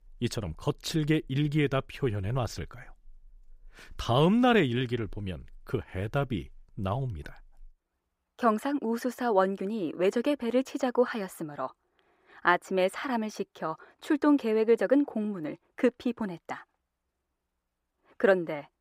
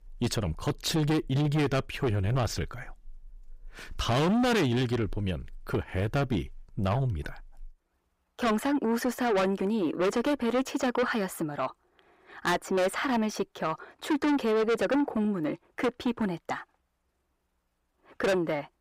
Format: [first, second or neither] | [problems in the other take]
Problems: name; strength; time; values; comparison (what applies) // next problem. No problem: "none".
first | distortion; heavy; 6 dB below the speech